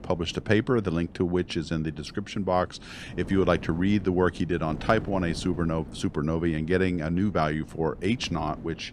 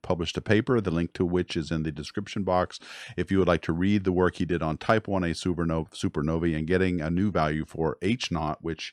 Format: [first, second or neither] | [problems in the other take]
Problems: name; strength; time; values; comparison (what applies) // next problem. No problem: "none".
second | wind noise on the microphone; occasional gusts; 20 dB below the speech